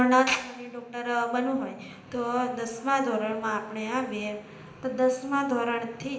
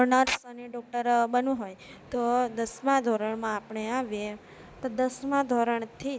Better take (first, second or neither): second